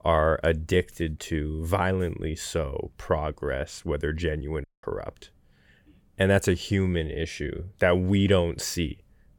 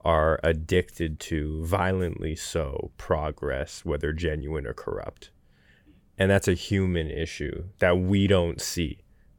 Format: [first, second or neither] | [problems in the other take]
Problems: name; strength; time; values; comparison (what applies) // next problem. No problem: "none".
second | audio cutting out; at 4.5 s